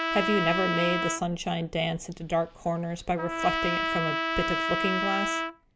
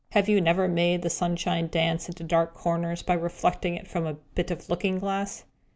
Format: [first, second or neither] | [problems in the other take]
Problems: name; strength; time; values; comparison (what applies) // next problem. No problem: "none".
second | background sound (Trumpet); 1 dB below the speech